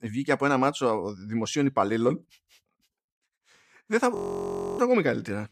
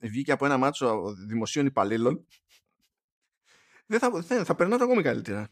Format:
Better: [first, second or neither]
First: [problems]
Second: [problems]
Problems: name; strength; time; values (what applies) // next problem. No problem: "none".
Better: second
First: audio freezing; at 4 s for 0.5 s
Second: none